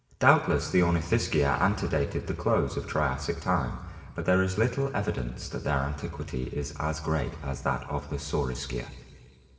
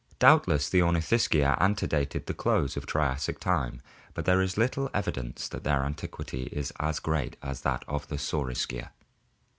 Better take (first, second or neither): second